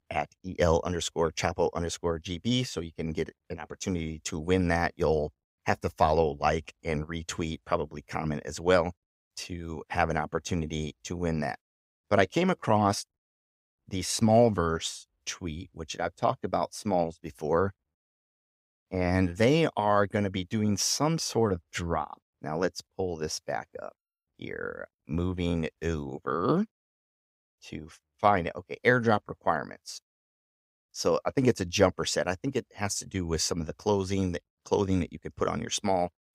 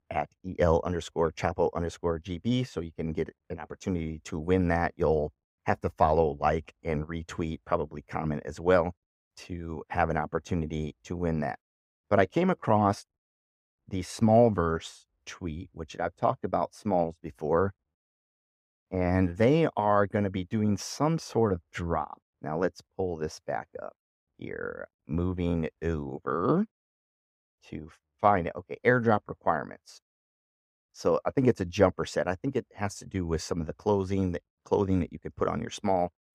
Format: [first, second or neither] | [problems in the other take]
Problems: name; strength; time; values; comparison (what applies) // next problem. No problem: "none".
first | muffled; slightly; fading above 2.5 kHz